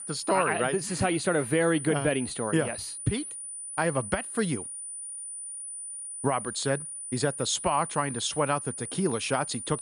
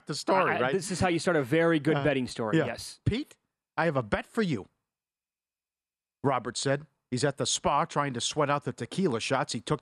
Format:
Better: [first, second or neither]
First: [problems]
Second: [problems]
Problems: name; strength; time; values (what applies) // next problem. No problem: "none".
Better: second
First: high-pitched whine; loud; throughout; 9.5 kHz, 7 dB below the speech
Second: none